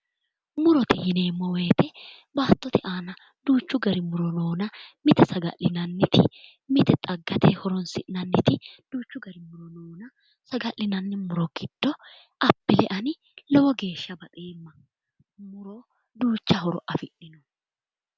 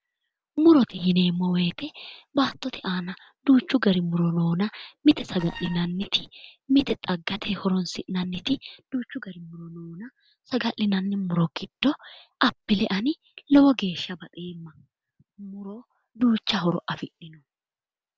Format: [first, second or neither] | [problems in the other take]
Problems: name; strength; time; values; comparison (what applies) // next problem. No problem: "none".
first | noise reduction (neural separator model SepFormer DNS4)